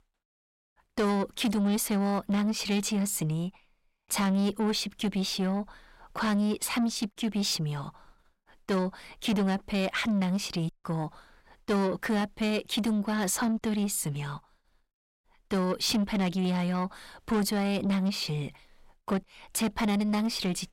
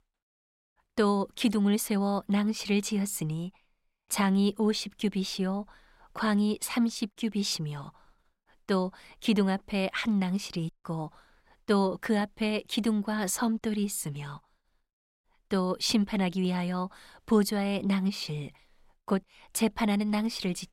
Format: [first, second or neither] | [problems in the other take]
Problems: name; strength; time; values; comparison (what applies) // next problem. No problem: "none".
second | distortion; slight; 10 dB below the speech